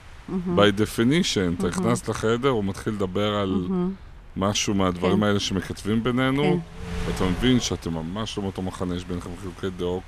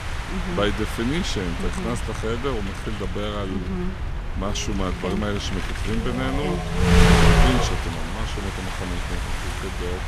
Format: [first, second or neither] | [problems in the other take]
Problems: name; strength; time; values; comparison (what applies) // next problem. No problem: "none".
first | wind noise on the microphone; heavy; 2 dB above the speech; occasional gusts in the first